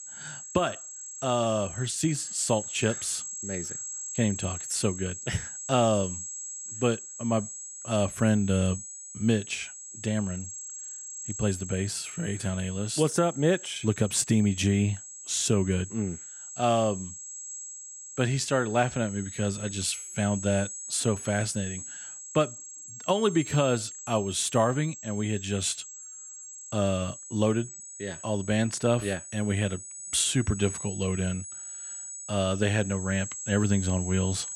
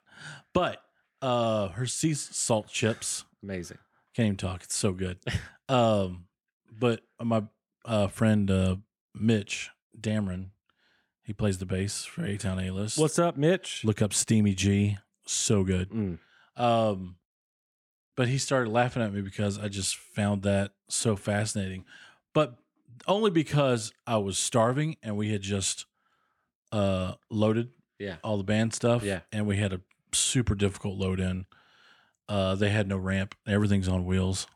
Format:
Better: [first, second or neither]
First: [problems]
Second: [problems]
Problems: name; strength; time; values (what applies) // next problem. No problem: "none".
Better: second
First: high-pitched whine; loud; throughout; 7.5 kHz, 9 dB below the speech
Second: none